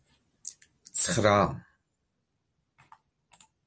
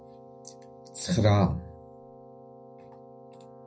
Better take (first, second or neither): first